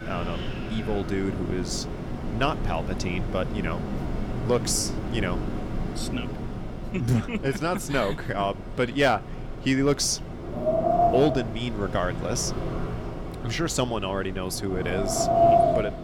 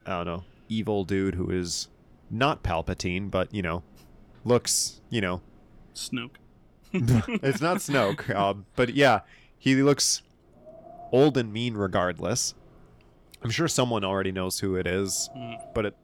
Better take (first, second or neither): second